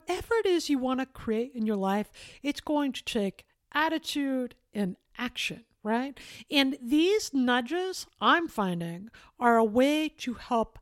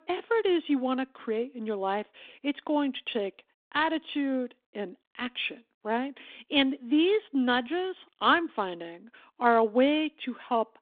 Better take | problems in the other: first | phone-call audio; nothing above 3.5 kHz

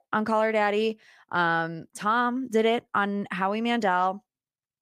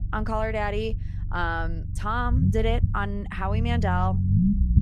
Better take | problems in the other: first | low rumble; noticeable; throughout; 10 dB below the speech

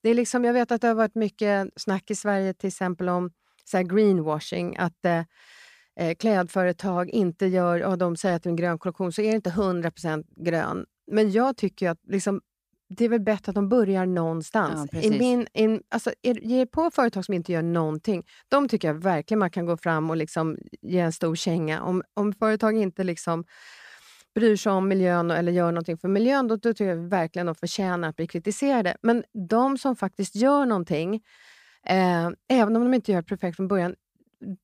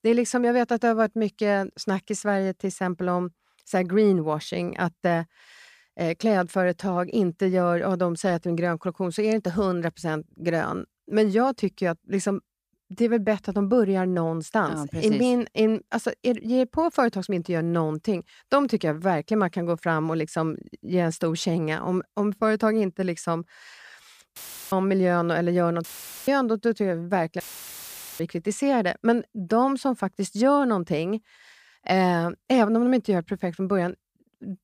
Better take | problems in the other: first | audio cutting out; filled with static; at 24 s, at 26 s and at 27 s for 1 s

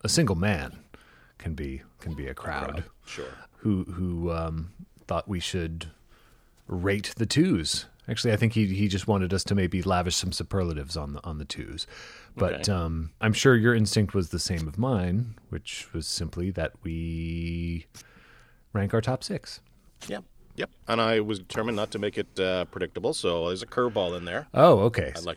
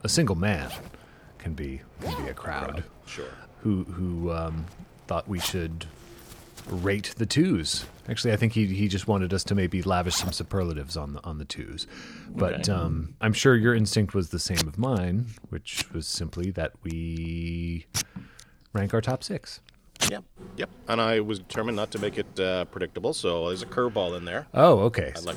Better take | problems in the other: first | household noises; loud; throughout; 8 dB below the speech; faint in the first

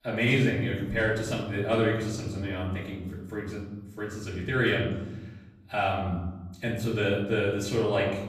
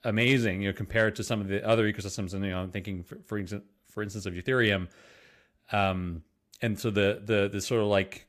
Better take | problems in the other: second | off-mic speech; far // room echo; noticeable; dies away in 1.1 s

